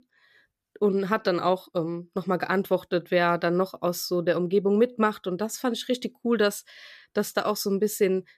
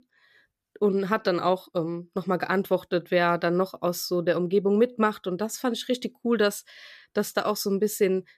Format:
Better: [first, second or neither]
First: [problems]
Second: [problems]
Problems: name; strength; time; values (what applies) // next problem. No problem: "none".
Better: neither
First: none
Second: none